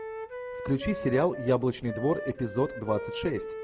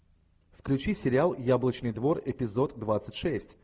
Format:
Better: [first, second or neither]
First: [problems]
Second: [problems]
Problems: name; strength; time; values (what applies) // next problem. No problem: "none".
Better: second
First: background sound (Wind instrument, woodwind instrument); 9 dB below the speech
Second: none